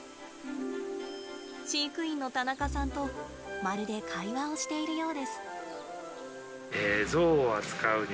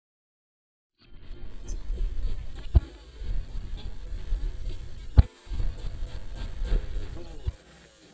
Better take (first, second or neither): first